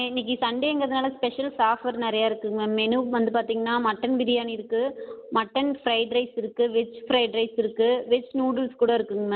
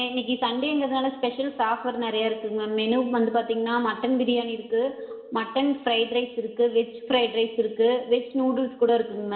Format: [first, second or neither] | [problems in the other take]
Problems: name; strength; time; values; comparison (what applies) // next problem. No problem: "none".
first | room echo; dies away in 0.9 s